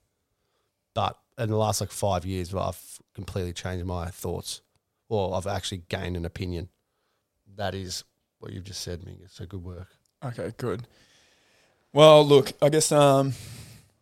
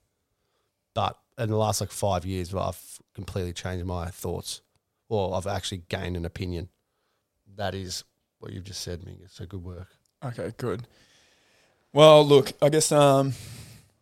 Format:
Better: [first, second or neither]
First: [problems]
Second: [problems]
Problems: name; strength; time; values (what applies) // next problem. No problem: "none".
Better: neither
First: none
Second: none